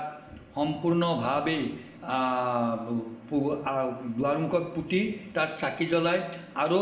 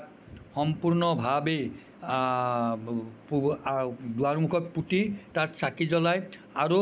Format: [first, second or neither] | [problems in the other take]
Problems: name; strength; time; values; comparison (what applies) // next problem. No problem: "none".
second | room echo; dies away in 0.9 s